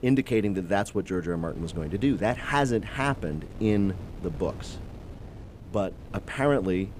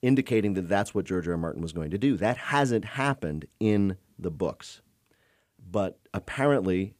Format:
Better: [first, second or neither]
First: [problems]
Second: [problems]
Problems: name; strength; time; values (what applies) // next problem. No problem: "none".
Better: second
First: wind noise on the microphone; occasional gusts; 20 dB below the speech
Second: none